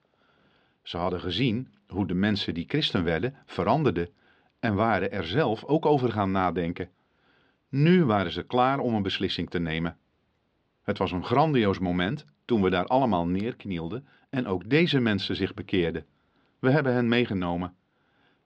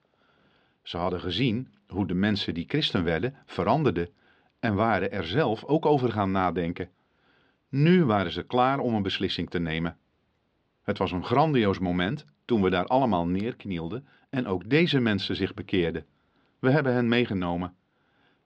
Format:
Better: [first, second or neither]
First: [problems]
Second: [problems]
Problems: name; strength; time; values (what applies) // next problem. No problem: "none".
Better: neither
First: muffled; very slightly; fading above 4 kHz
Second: muffled; very slightly; fading above 4 kHz